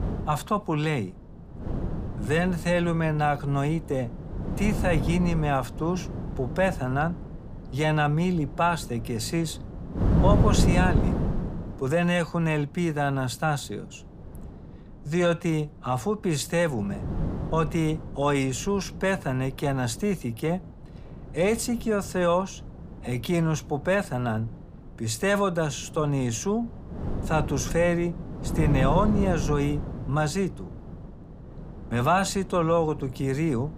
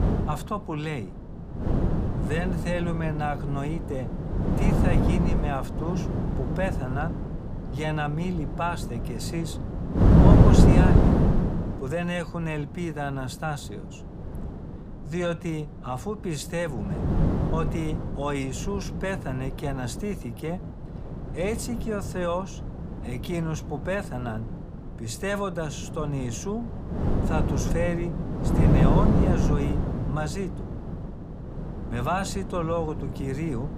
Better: first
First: wind noise on the microphone; occasional gusts; 10 dB below the speech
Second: wind noise on the microphone; heavy; 1 dB below the speech

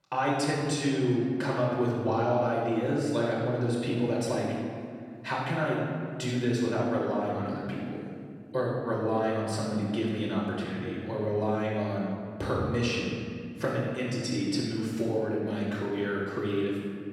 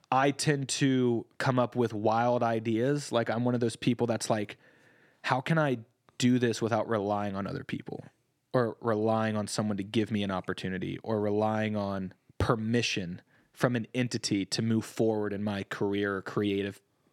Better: second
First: off-mic speech; far // room echo; strong; dies away in 2 s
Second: none

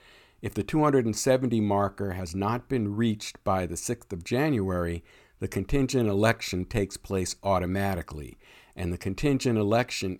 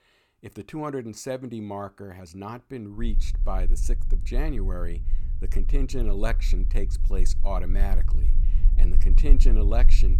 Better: first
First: none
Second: low rumble; noticeable; from 3 s on; 15 dB below the speech

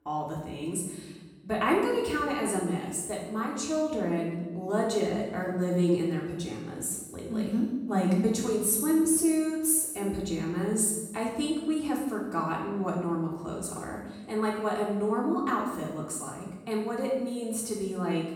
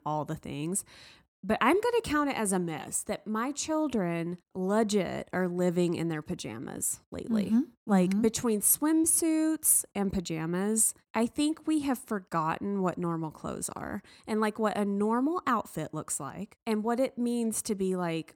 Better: second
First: off-mic speech; far // room echo; noticeable; dies away in 1 s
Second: none

